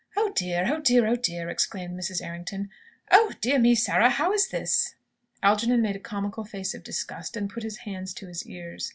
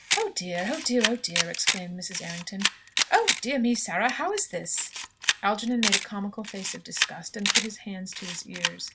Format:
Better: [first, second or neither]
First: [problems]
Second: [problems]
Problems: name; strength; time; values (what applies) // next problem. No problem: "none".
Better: first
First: none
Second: background sound (Camera); 1 dB below the speech